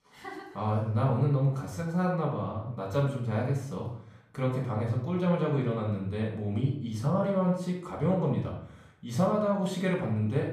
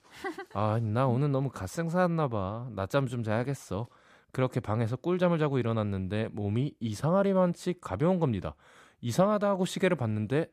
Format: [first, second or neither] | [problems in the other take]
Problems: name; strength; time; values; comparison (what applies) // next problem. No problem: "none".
second | off-mic speech; far // room echo; noticeable; dies away in 0.5 s